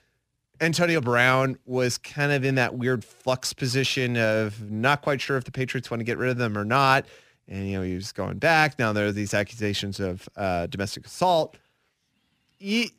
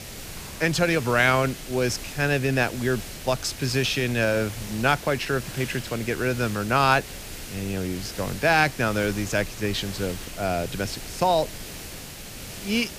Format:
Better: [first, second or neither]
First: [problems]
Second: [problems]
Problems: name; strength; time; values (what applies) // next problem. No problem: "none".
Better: first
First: none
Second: hiss; noticeable; throughout; 10 dB below the speech